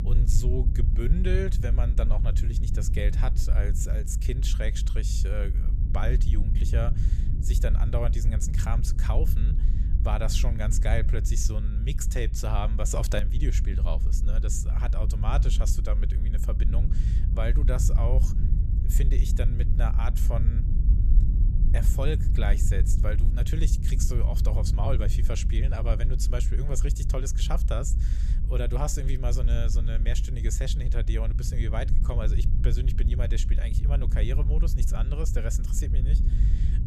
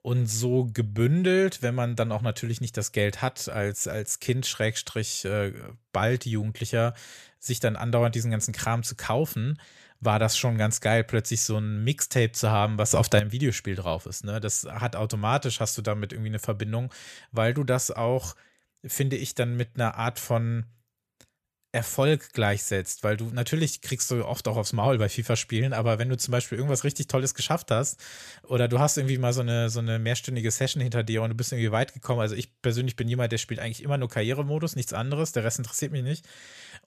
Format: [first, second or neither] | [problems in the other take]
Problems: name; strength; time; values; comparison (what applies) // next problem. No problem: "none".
second | low rumble; loud; throughout; 8 dB below the speech